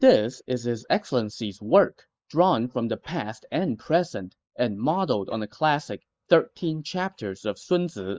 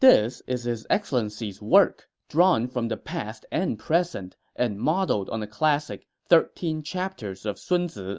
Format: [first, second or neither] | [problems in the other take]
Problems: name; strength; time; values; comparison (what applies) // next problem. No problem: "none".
second | noise reduction (neural mask model Resemble Enhance denoiser)